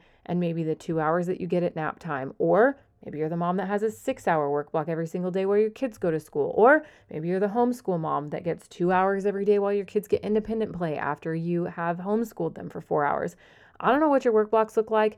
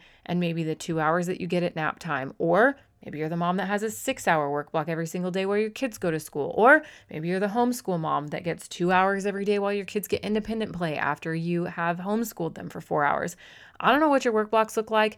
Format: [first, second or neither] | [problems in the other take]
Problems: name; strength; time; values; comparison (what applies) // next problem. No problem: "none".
second | muffled; slightly; fading above 1.5 kHz